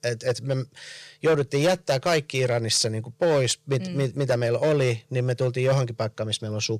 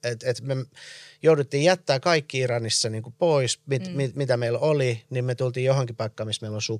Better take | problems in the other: second | distortion; slight; 5% of the sound clipped

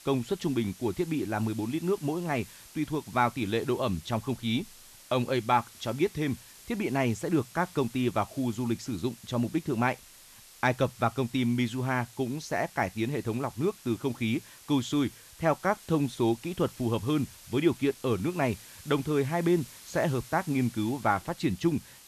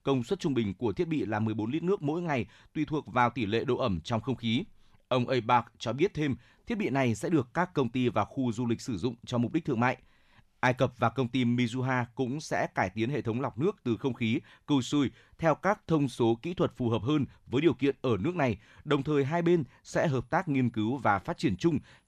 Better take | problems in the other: second | hiss; noticeable; throughout; 20 dB below the speech

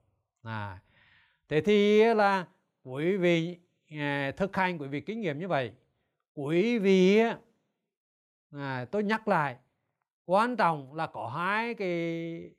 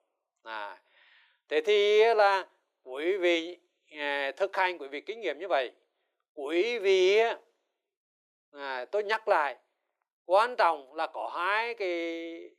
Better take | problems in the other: first | thin; very; fading below 350 Hz

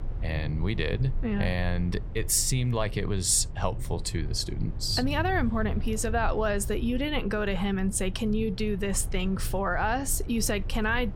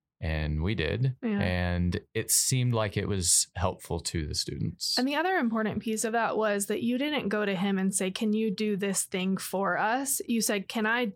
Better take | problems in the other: second | low rumble; noticeable; throughout; 20 dB below the speech

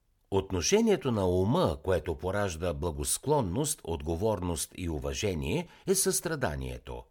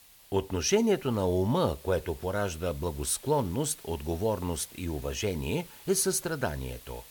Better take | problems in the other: first | hiss; noticeable; throughout; 20 dB below the speech

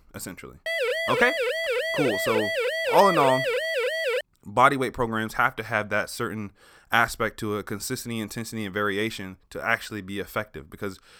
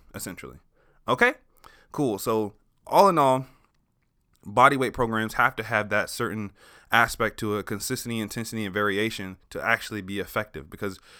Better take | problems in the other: second | siren; loud; from 0.5 to 4 s; peak 1 dB above the speech

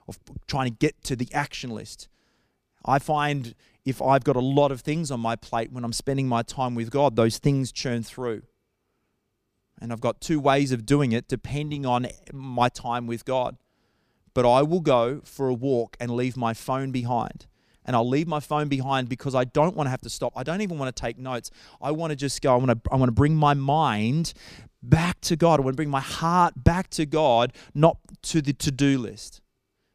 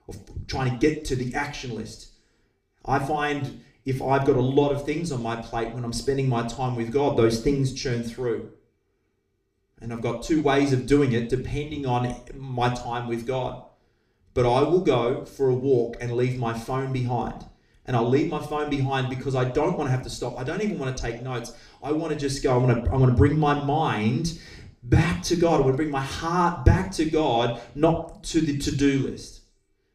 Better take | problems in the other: first | room echo; slight; dies away in 0.5 s // off-mic speech; somewhat distant

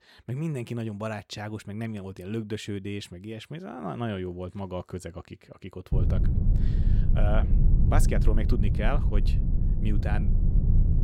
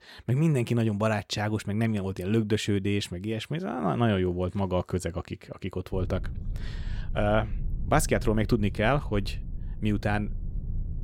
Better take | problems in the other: second | low rumble; loud; from 6 s on; 4 dB below the speech; faint in the second

